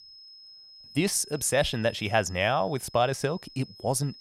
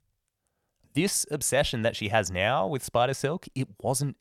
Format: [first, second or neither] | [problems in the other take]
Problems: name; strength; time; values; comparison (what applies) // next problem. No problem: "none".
second | high-pitched whine; noticeable; throughout; 5 kHz, 20 dB below the speech